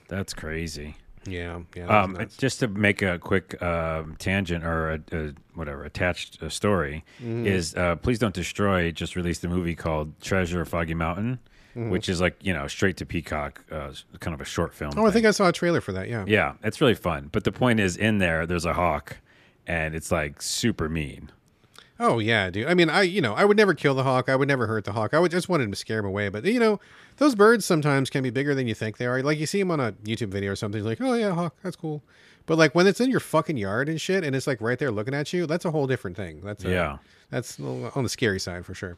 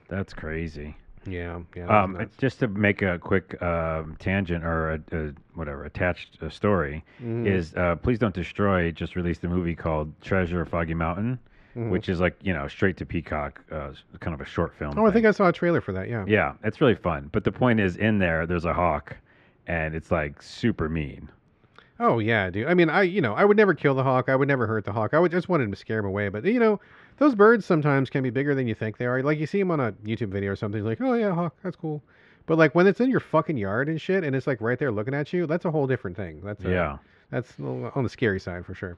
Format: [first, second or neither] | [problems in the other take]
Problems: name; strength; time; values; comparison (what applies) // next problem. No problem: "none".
first | muffled; very; fading above 2 kHz